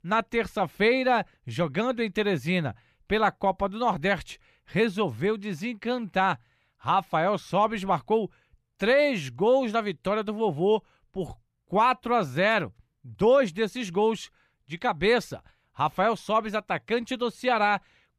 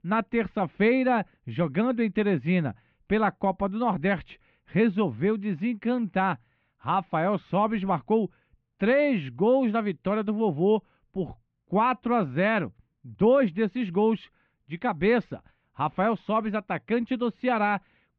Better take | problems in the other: first | muffled; slightly; fading above 3 kHz

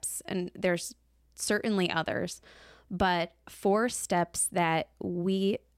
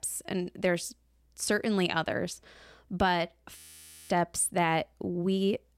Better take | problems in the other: first | audio freezing; at 3.5 s for 0.5 s

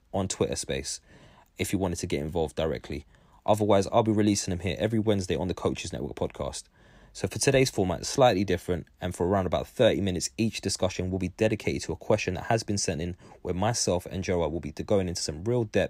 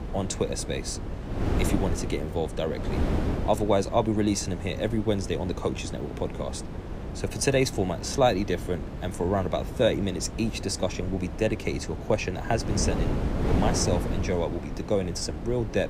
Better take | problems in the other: first | wind noise on the microphone; heavy; 9 dB below the speech

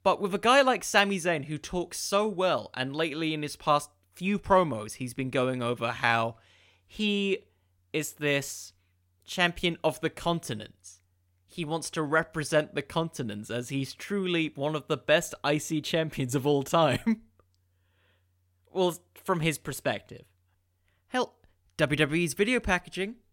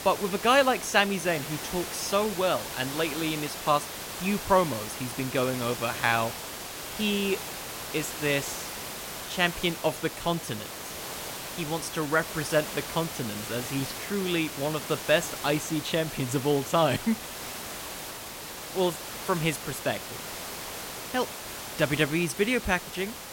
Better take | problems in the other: first | hiss; loud; throughout; 7 dB below the speech

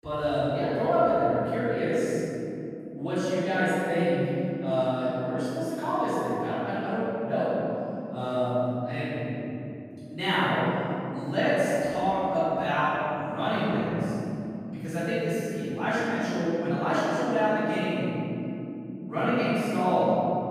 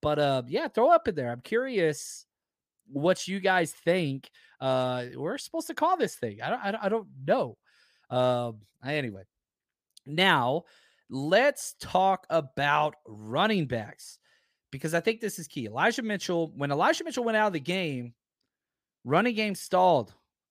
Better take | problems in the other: second | off-mic speech; far // room echo; strong; dies away in 3 s

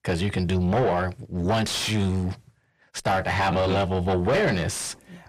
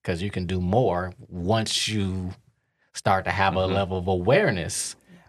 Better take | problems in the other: second | distortion; heavy; 7 dB below the speech

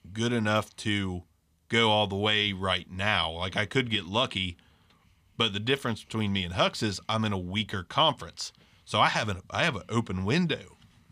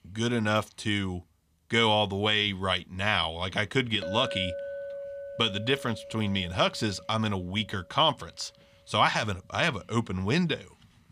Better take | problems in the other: first | clattering dishes; noticeable; from 4 to 7.5 s; peak 7 dB below the speech

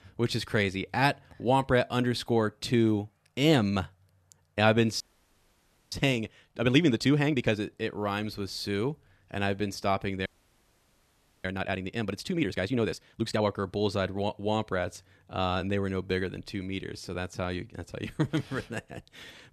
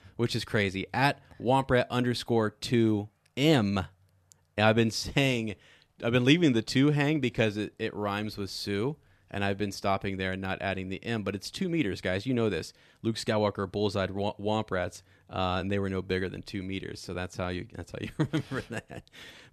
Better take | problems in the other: second | audio freezing; at 5 s for 1 s and at 10 s for 1 s

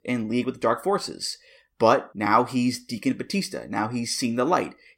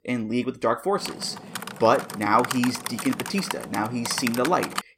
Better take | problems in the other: first | keyboard typing; noticeable; from 1 s on; peak 4 dB below the speech

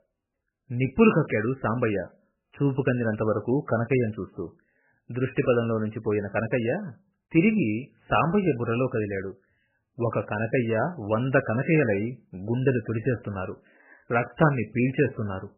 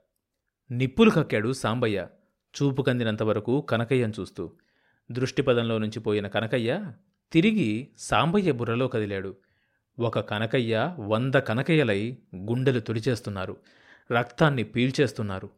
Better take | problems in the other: second | garbled, watery; badly; nothing above 3 kHz

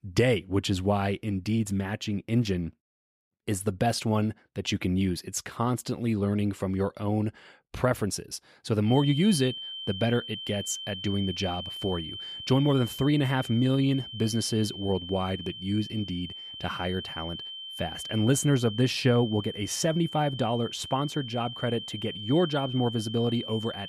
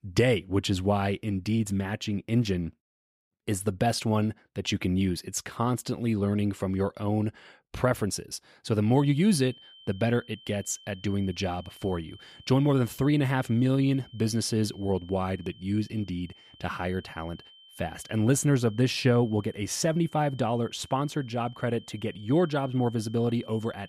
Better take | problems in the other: second | high-pitched whine; loud; from 9 s on; 3 kHz, 9 dB below the speech; faint in the second

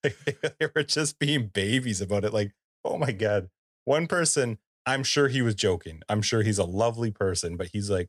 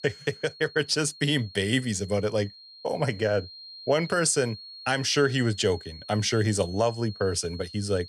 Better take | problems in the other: first | high-pitched whine; noticeable; throughout; 4.5 kHz, 15 dB below the speech

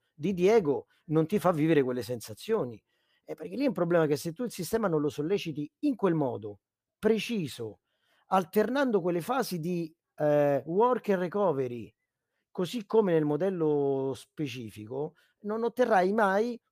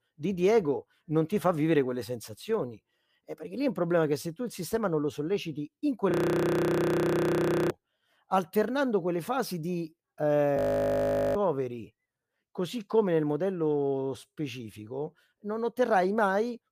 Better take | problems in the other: first | audio freezing; at 6 s for 1.5 s and at 11 s for 1 s

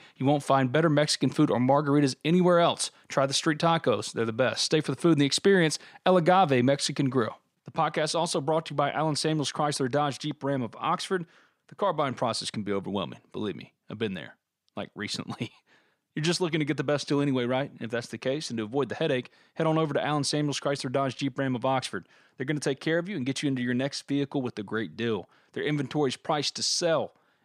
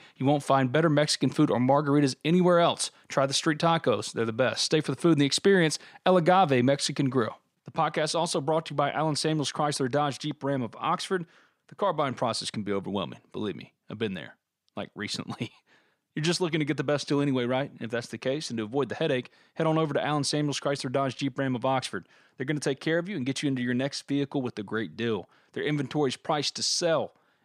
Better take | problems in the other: neither | none

